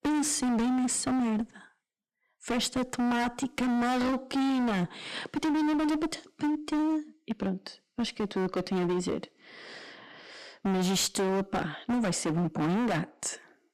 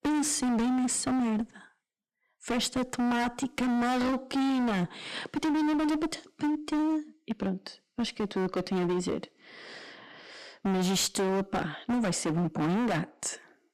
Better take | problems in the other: neither | distortion; heavy; 26% of the sound clipped; the same in both

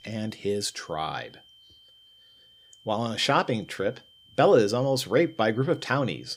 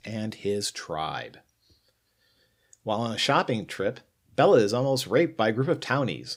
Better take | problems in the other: second | high-pitched whine; faint; throughout; 3 kHz, 25 dB below the speech

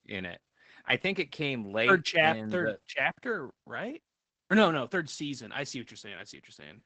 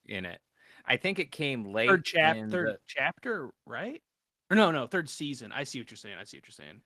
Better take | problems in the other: second | garbled, watery; badly; nothing above 8 kHz; slightly in the second

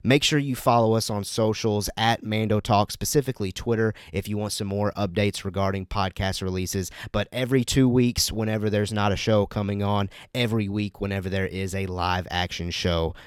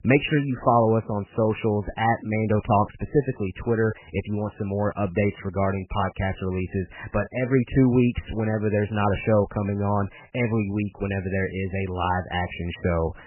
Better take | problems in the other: first | garbled, watery; badly; nothing above 3 kHz

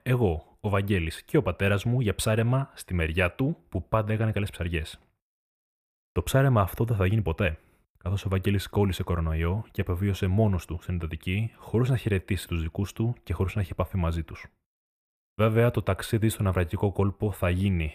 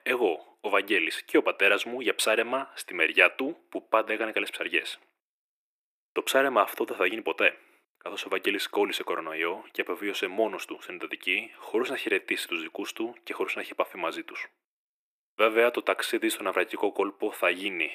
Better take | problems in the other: first | thin; very; fading below 300 Hz

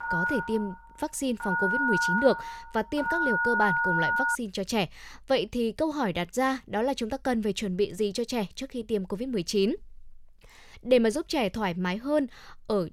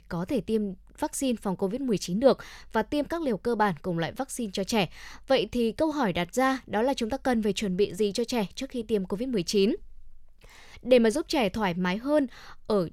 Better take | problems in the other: second | phone ringing; loud; until 4.5 s; peak 4 dB above the speech

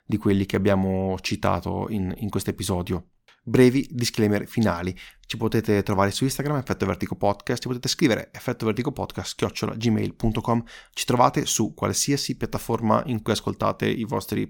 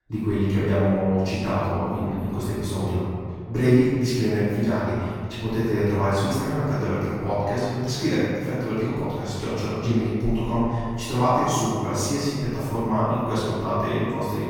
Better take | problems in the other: first | off-mic speech; far // room echo; strong; dies away in 2.2 s

